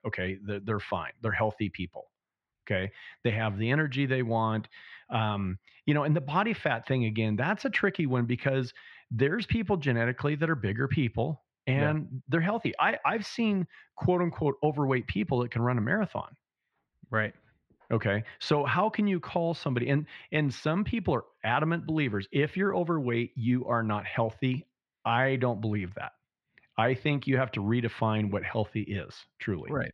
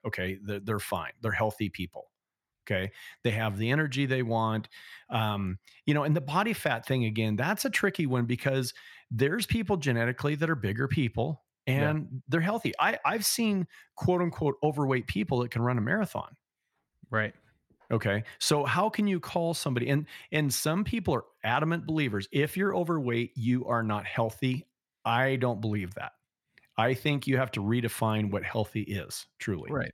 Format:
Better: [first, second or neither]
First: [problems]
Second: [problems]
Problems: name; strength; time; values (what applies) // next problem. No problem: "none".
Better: second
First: muffled; slightly; fading above 3.5 kHz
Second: none